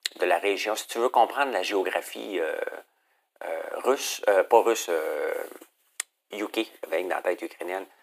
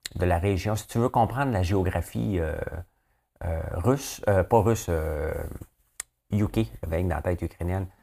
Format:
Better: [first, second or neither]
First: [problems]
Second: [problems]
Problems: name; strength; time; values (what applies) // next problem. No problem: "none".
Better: second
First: thin; very; fading below 350 Hz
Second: none